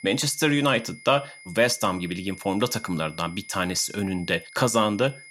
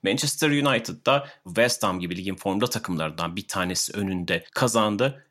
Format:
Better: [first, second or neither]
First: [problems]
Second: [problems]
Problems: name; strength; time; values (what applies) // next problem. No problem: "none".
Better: second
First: high-pitched whine; noticeable; throughout; 2 kHz, 20 dB below the speech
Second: none